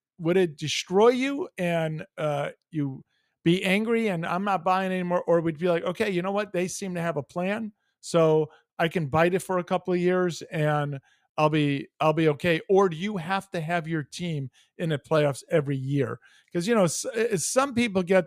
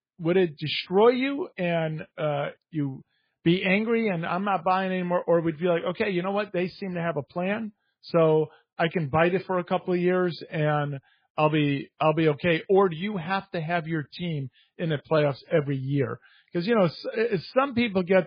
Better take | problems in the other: first | garbled, watery; badly; nothing above 4.5 kHz

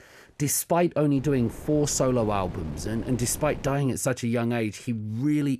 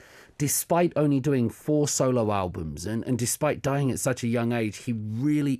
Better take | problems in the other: second | wind noise on the microphone; occasional gusts; from 1 to 3.5 s; 20 dB below the speech

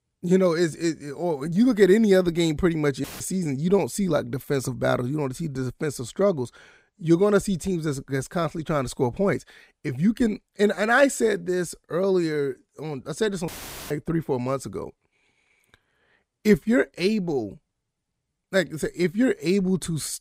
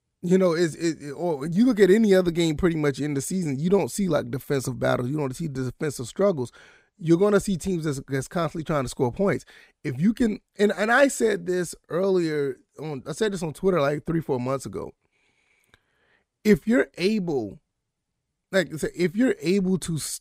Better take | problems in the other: second | audio cutting out; filled with static; at 3 s and at 13 s

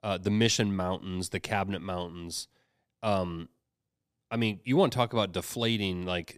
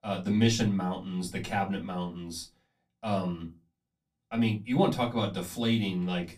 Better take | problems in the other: first | off-mic speech; far // room echo; very slight; dies away in 0.2 s

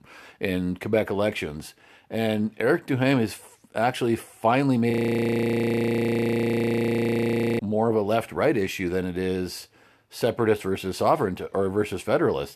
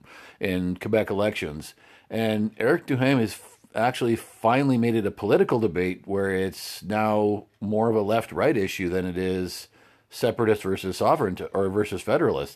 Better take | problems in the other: second | audio freezing; at 5 s for 2.5 s

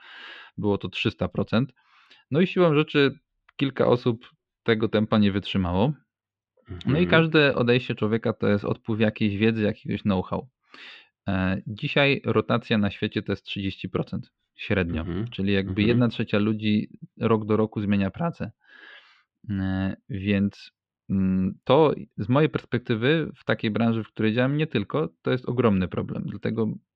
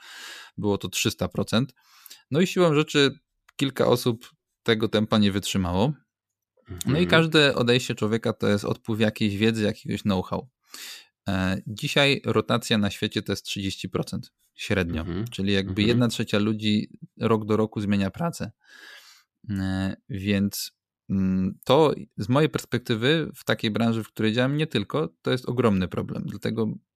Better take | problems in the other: second | muffled; slightly; fading above 3 kHz

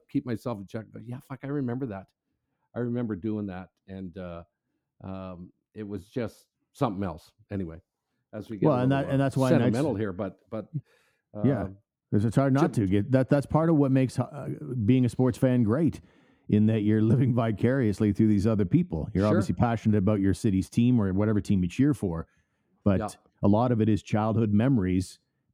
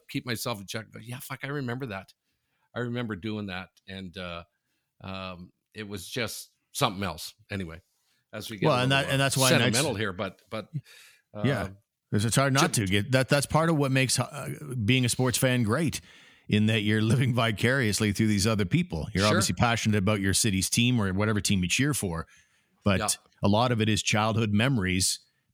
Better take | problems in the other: second | muffled; very; fading above 1.5 kHz

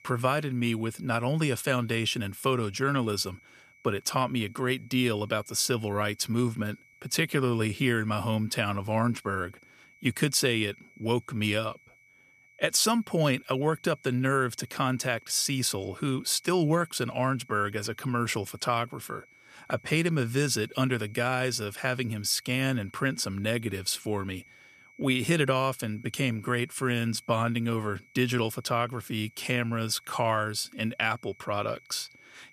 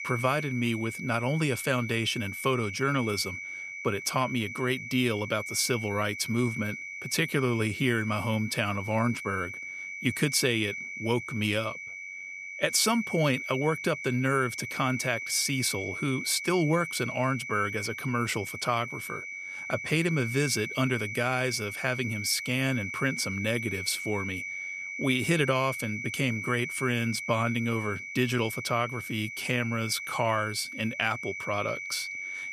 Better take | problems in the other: first | high-pitched whine; loud; throughout; 2.5 kHz, 7 dB below the speech; faint in the first

